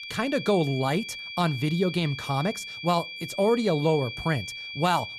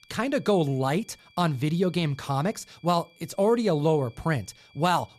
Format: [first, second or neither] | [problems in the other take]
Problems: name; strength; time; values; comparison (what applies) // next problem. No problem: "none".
second | high-pitched whine; loud; throughout; 2.5 kHz, 9 dB below the speech; faint in the second